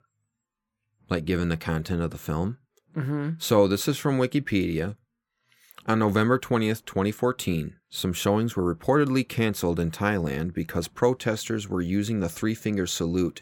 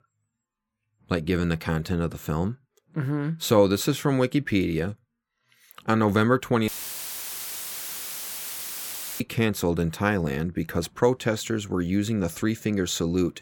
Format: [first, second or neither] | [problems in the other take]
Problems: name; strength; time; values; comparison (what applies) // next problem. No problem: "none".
first | audio cutting out; filled with static; at 6.5 s for 2.5 s